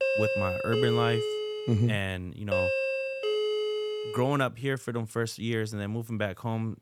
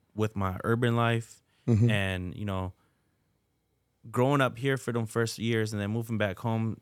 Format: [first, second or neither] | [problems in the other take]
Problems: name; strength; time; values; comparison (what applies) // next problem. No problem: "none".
second | doorbell; loud; until 4.5 s; peak 4 dB above the speech